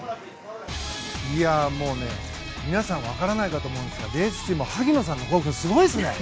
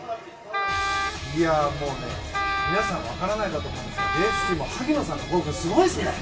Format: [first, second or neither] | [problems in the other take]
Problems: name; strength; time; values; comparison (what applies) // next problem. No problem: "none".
first | background sound (Wind instrument, woodwind instrument); 3 dB below the speech // room echo; dies away in 2.3 s